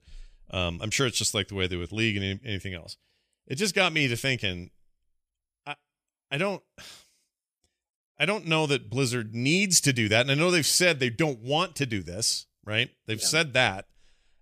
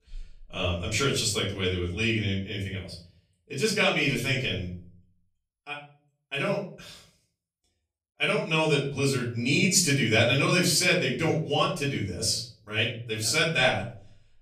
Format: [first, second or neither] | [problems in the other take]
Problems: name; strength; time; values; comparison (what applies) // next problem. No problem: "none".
first | room echo; slight; dies away in 0.5 s // off-mic speech; far